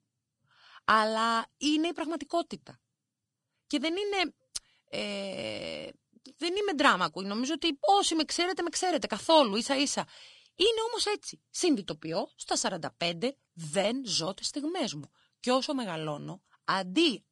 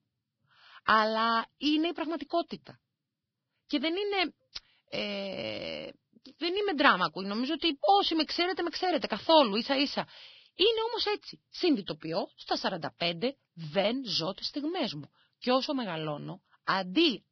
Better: first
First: garbled, watery; slightly; nothing above 10 kHz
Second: garbled, watery; badly; nothing above 5 kHz

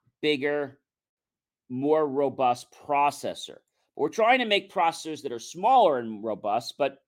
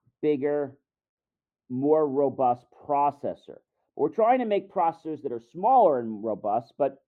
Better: first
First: none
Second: muffled; very; fading above 2 kHz

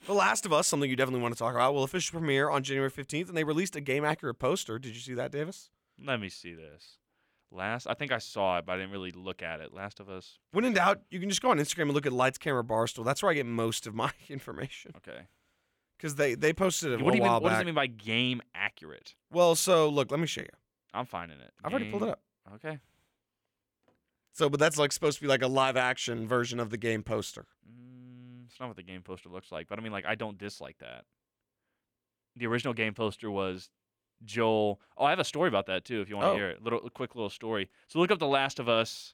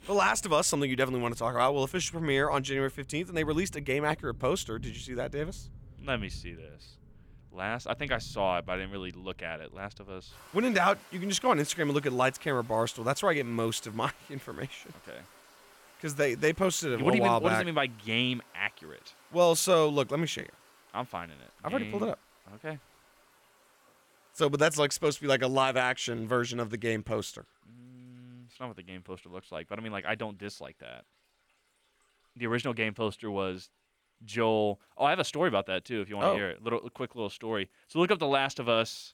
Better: first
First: none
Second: rain or running water; faint; throughout; 25 dB below the speech

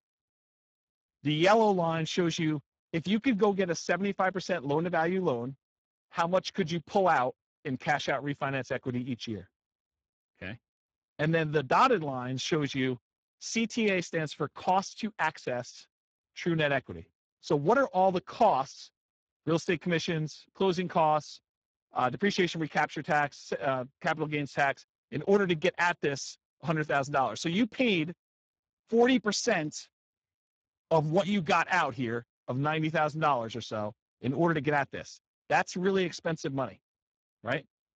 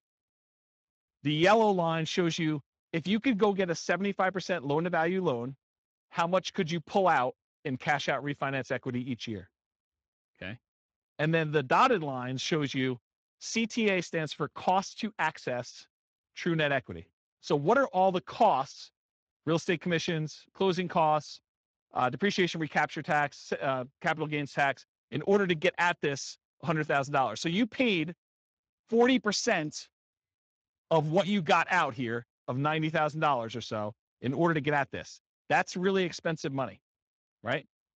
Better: second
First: garbled, watery; badly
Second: garbled, watery; slightly

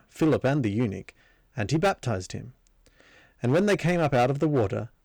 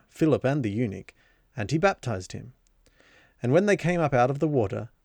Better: second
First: distortion; slight; 6% of the sound clipped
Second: none

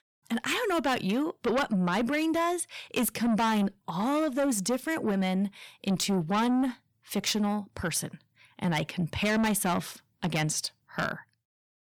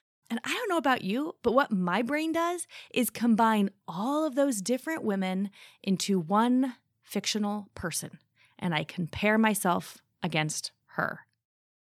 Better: second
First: distortion; heavy; 8 dB below the speech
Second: none

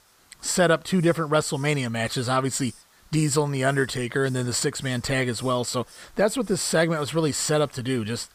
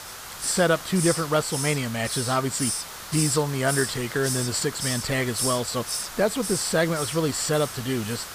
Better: first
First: hiss; faint; throughout; 25 dB below the speech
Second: hiss; loud; throughout; 5 dB below the speech

